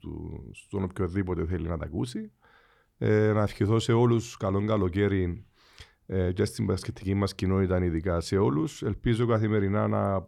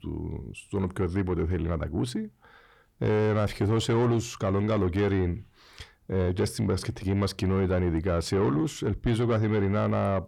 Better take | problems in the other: first | distortion; slight; 10 dB below the speech

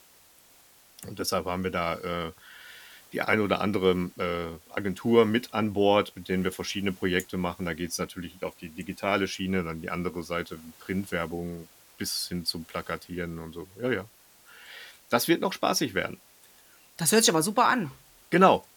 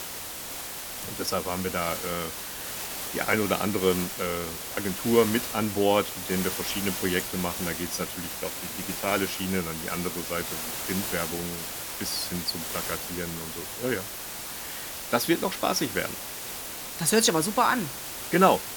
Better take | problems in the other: first | hiss; loud; throughout; 5 dB below the speech; faint in the first

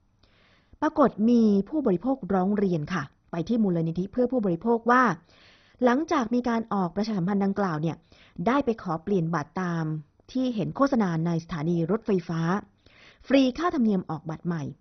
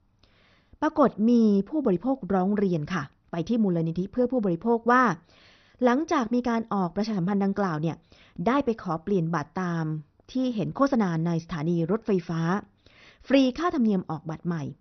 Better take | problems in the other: second | garbled, watery; badly; nothing above 6 kHz; slightly in the second

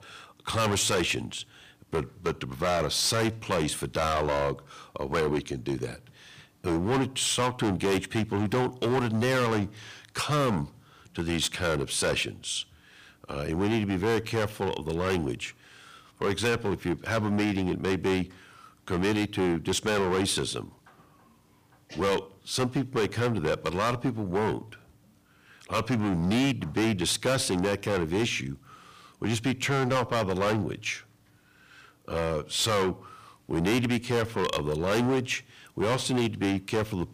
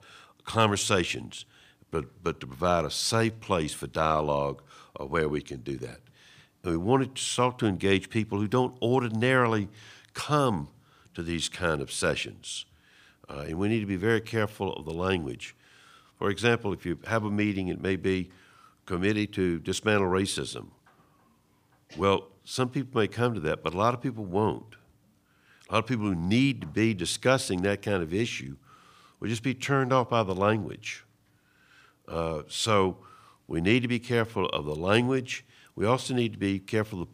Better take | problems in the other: second | distortion; heavy; 12% of the sound clipped

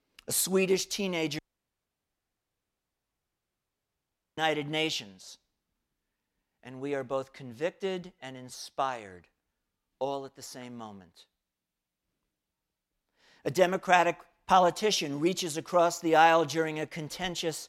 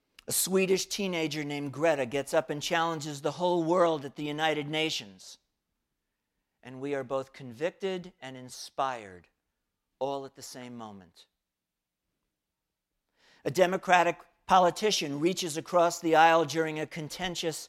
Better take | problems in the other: second | audio cutting out; at 1.5 s for 3 s

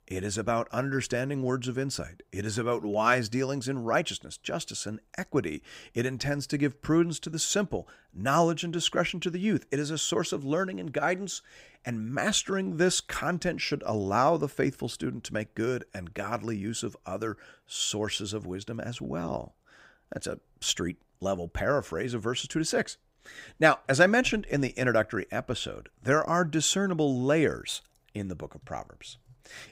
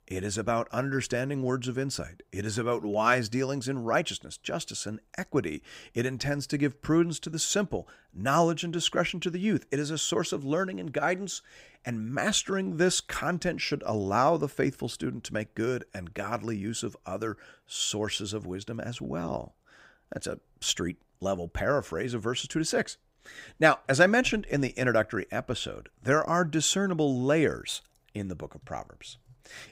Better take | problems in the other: neither | none

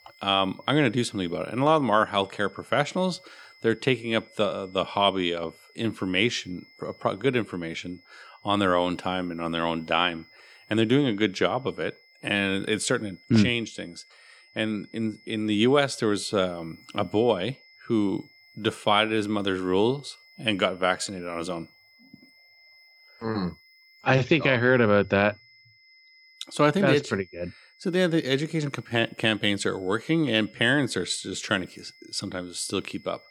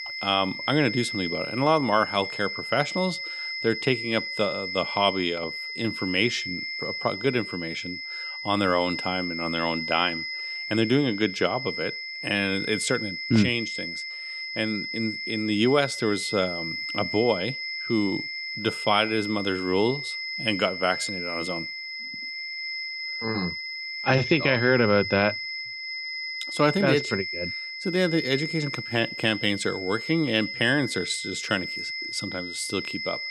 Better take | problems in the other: first | high-pitched whine; loud; throughout; 2 kHz, 5 dB below the speech; faint in the first

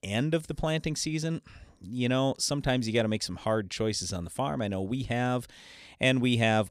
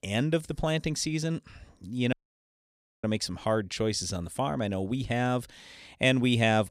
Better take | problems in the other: first | audio cutting out; at 2 s for 1 s

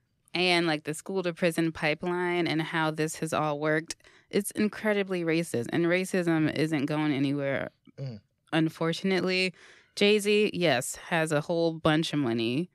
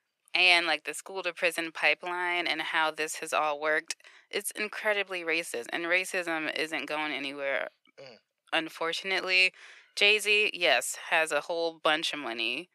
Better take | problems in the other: first | thin; very; fading below 700 Hz

